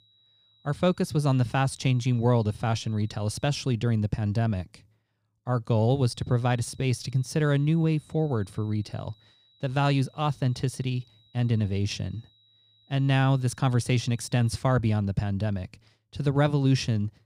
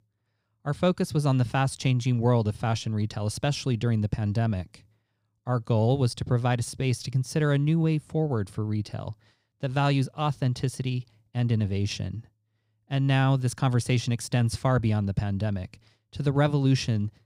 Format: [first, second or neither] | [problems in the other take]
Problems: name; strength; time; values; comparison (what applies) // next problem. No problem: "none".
second | high-pitched whine; faint; until 3.5 s and from 6 to 15 s; 4 kHz, 35 dB below the speech